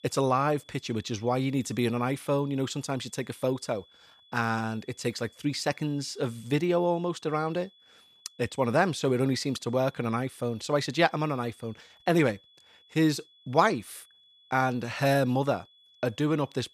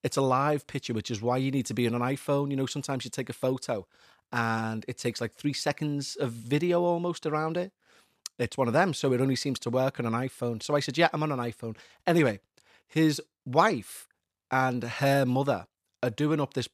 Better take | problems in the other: second | high-pitched whine; faint; throughout; 3.5 kHz, 30 dB below the speech

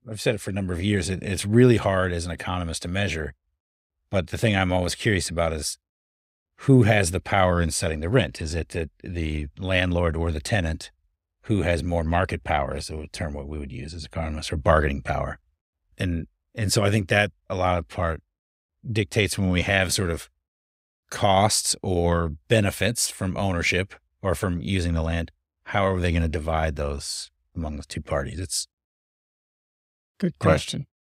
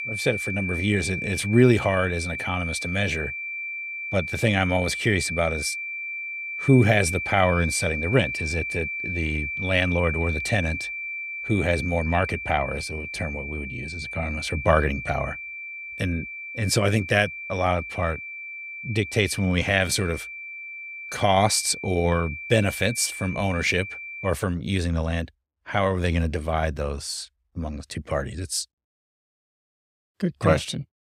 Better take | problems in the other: first | high-pitched whine; loud; until 24 s; 2.5 kHz, 6 dB below the speech

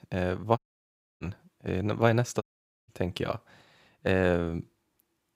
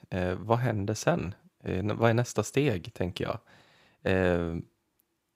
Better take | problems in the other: second | audio cutting out; at 0.5 s for 0.5 s and at 2.5 s

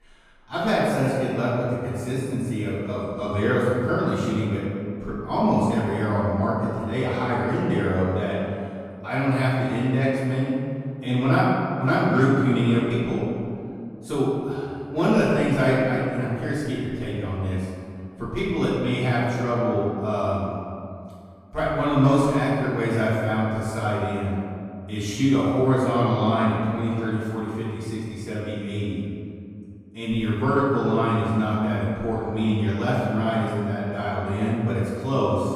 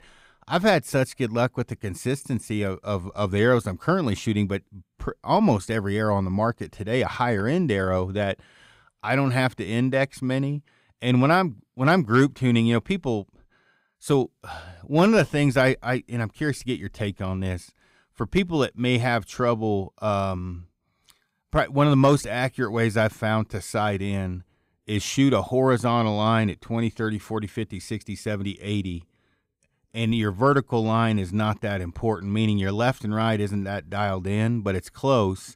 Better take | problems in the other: second | off-mic speech; far // room echo; strong; dies away in 2.2 s

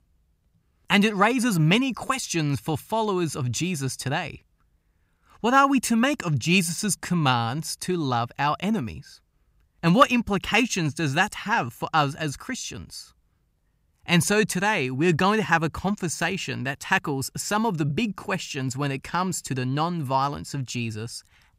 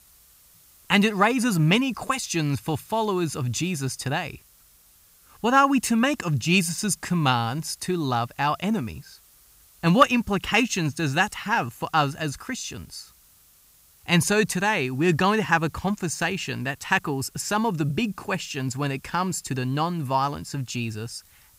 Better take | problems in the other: first | hiss; faint; throughout; 30 dB below the speech

